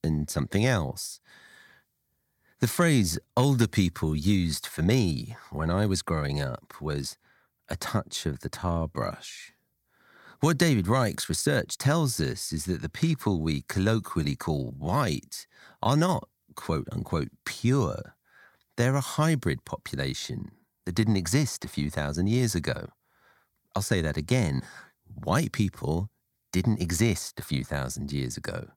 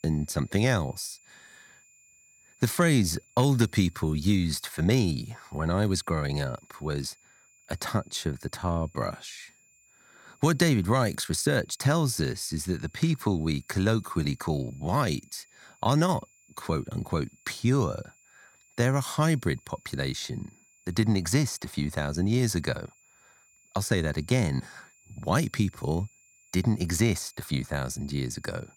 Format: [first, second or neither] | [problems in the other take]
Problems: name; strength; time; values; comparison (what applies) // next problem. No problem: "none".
first | high-pitched whine; faint; throughout; 7 kHz, 30 dB below the speech